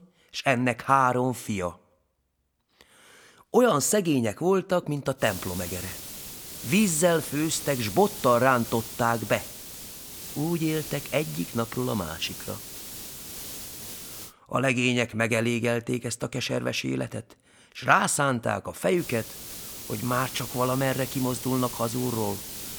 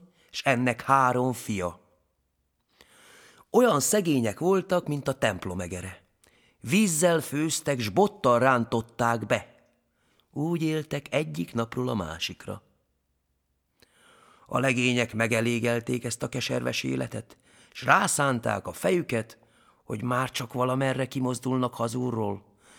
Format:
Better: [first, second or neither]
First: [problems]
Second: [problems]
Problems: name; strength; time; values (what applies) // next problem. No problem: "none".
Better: second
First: hiss; noticeable; from 5 to 14 s and from 19 s on; 10 dB below the speech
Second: none